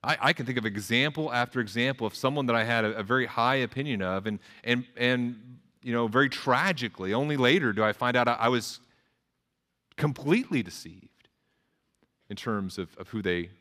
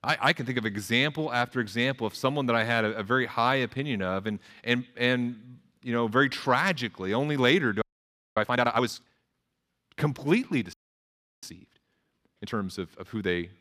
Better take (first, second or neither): first